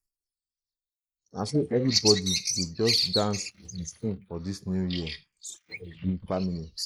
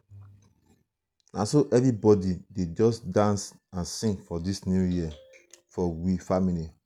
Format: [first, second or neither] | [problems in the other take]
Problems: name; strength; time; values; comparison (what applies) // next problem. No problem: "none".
second | noise reduction (neural mask model Resemble Enhance denoiser)